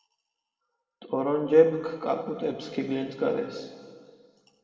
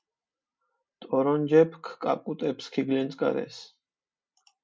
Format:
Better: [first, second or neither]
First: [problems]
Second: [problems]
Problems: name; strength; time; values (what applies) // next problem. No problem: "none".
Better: second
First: room echo; dies away in 2 s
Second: none